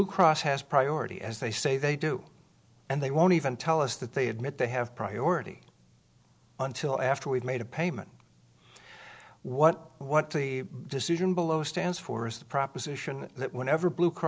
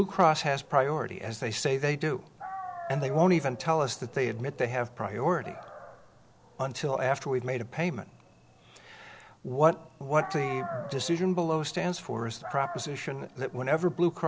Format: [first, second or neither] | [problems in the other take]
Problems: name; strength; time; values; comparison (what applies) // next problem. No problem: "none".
first | background sound (Dog); 15 dB below the speech